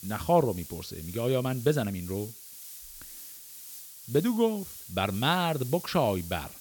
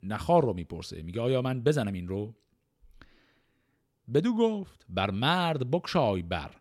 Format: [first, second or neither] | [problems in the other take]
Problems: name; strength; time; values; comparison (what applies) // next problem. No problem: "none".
second | hiss; noticeable; throughout; 15 dB below the speech